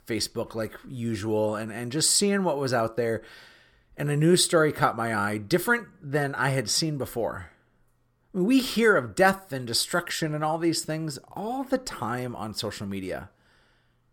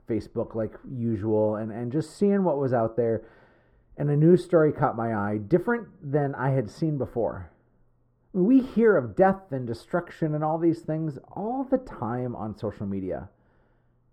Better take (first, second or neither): first